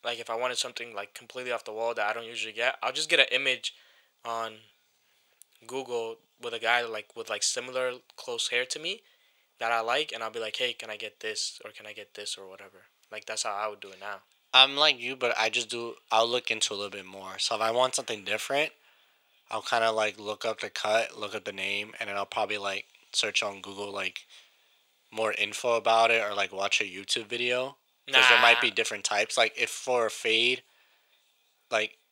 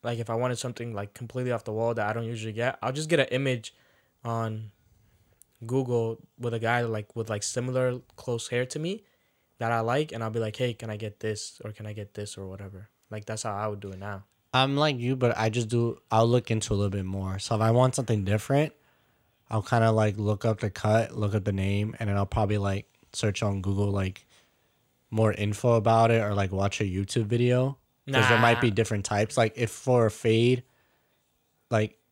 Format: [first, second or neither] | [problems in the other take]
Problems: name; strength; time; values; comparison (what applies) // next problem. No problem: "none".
second | thin; very; fading below 600 Hz